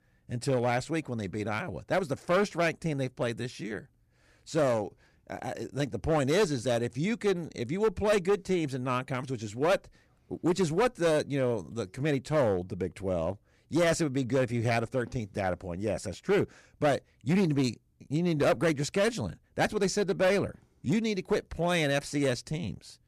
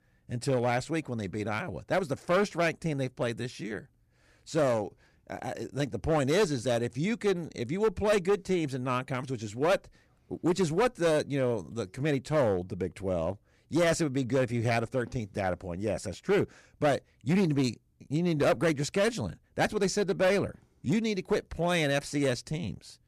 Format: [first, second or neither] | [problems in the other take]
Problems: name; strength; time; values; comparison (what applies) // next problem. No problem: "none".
neither | distortion; slight; 6% of the sound clipped; the same in both